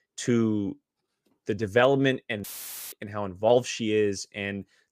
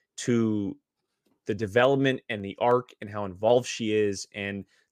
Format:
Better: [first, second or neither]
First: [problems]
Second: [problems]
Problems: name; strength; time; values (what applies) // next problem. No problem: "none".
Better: second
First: audio cutting out; filled with static; at 2.5 s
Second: none